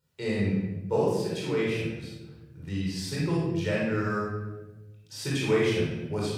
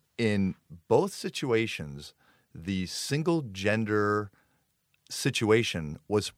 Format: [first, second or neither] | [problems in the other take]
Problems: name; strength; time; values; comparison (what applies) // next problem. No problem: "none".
second | off-mic speech; far // room echo; strong; dies away in 1.3 s